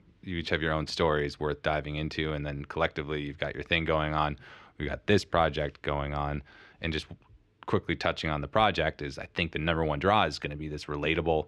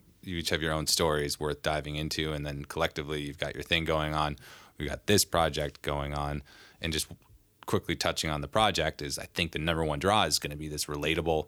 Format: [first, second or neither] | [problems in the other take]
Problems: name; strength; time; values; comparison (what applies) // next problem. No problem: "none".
second | muffled; slightly; fading above 2.5 kHz